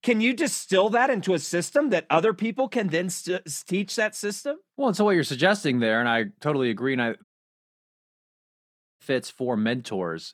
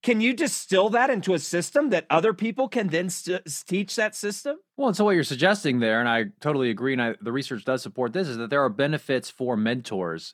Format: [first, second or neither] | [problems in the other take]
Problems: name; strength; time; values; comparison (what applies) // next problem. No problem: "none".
second | audio cutting out; at 7 s for 2 s